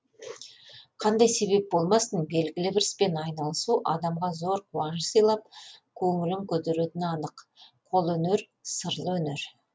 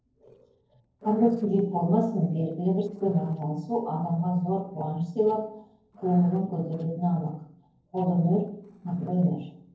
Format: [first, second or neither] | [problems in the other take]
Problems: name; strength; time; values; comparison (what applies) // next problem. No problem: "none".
first | noise reduction (neural separator model SepFormer DNS4)